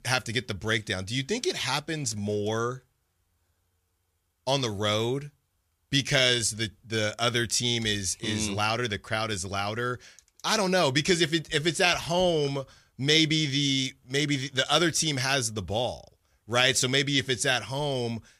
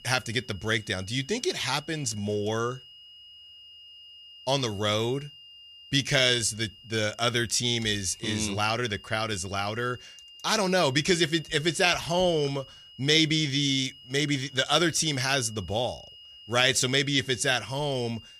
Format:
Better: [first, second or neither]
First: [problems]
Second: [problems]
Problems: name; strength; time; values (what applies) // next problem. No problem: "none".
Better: first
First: none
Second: high-pitched whine; faint; throughout; 3 kHz, 20 dB below the speech